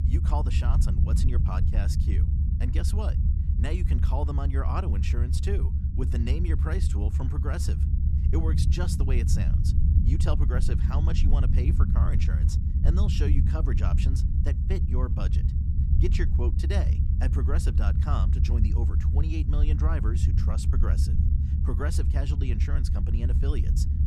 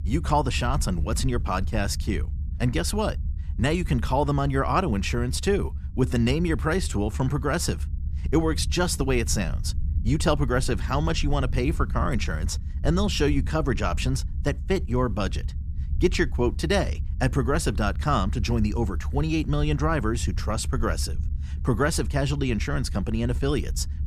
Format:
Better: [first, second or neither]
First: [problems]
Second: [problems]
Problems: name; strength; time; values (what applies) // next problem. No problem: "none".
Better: second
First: low rumble; loud; throughout; 3 dB below the speech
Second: low rumble; faint; throughout; 20 dB below the speech